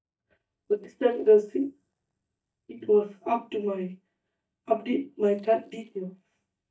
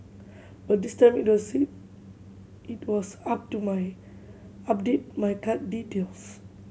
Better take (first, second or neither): second